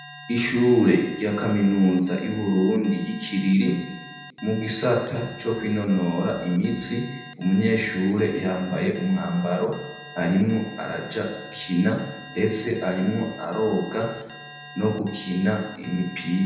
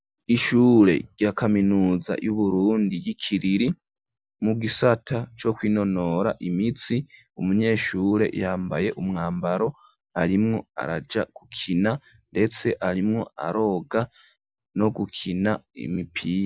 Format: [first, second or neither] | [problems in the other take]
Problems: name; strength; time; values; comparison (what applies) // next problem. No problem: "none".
second | background sound (Alarm); 18 dB below the speech // room echo; dies away in 0.9 s